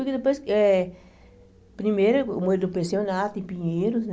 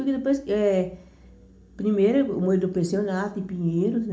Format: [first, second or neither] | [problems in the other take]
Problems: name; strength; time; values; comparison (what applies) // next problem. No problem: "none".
first | room echo; dies away in 0.4 s